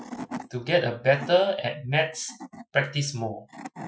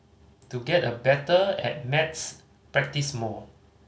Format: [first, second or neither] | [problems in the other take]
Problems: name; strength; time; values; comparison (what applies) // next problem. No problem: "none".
second | noise reduction (classical method Wiener filter)